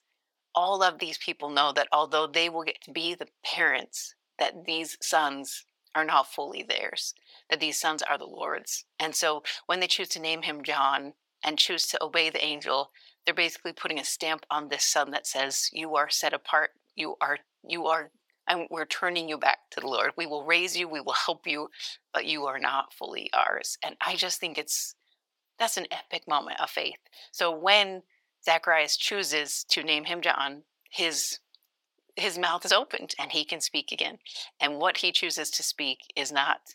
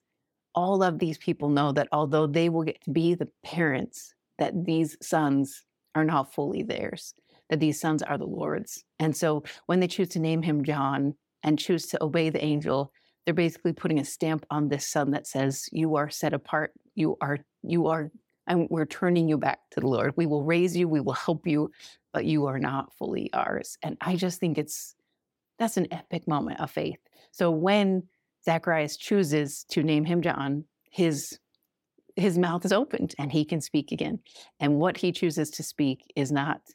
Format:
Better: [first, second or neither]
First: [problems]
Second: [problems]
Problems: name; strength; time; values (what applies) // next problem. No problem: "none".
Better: second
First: thin; very; fading below 900 Hz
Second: none